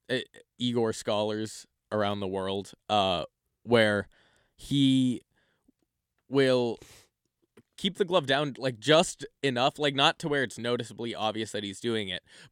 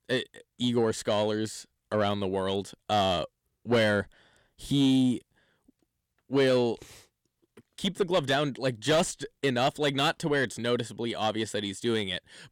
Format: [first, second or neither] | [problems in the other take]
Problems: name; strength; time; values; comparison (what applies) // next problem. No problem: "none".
first | distortion; slight; 10 dB below the speech